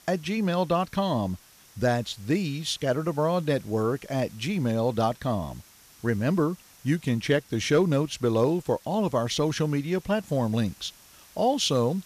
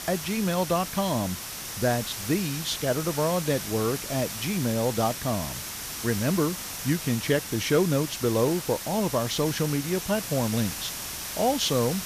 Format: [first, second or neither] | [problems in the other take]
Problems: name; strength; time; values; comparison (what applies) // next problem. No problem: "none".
first | hiss; loud; throughout; 6 dB below the speech; faint in the first